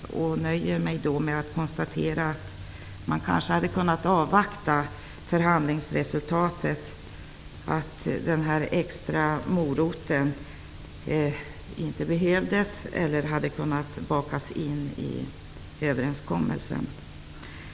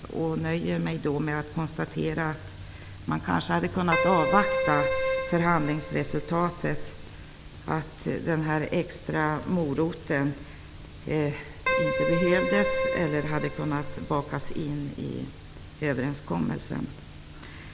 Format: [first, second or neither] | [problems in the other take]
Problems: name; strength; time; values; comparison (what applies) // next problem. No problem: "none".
first | background sound (Keyboard (musical)); as loud as the speech